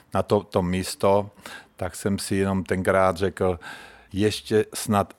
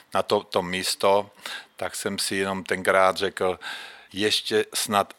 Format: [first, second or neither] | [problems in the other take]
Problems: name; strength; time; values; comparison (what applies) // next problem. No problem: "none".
first | thin; somewhat; fading below 650 Hz